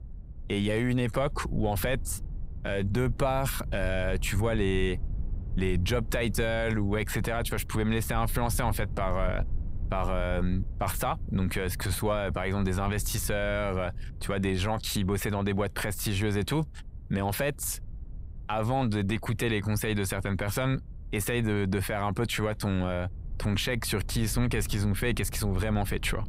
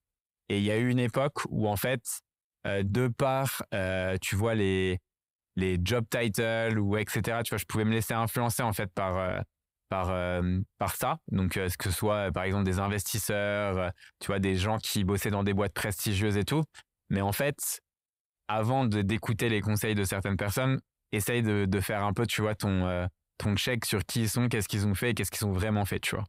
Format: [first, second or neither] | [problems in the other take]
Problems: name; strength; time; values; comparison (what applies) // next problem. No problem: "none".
second | low rumble; faint; throughout; 25 dB below the speech